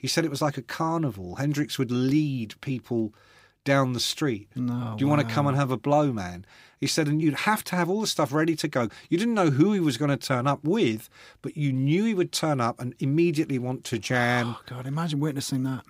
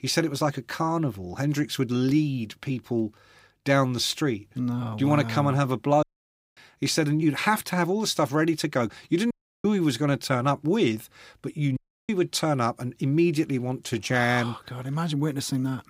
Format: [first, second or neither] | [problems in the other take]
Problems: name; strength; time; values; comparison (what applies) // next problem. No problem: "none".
first | audio cutting out; at 6 s for 0.5 s, at 9.5 s and at 12 s